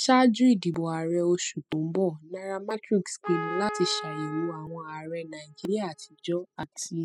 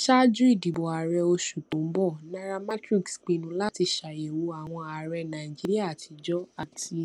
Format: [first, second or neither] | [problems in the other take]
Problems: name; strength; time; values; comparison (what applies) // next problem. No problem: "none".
second | noise reduction (classical method spectral subtraction)